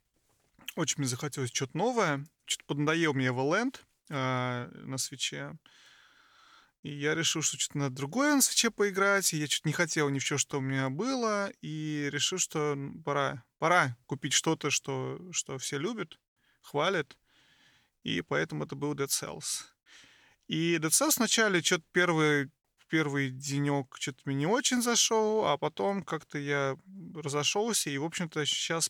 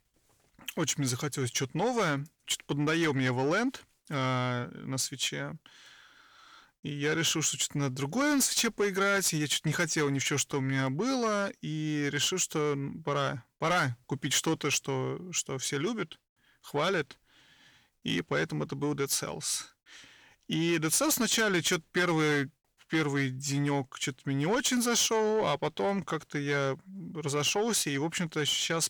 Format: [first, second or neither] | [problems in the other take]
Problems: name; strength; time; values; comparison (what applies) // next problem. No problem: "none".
first | distortion; slight; 10 dB below the speech